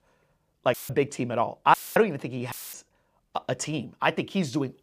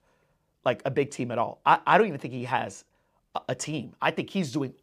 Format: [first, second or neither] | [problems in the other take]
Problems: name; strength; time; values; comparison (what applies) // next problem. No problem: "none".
second | audio cutting out; filled with static; at 0.5 s, at 1.5 s and at 2.5 s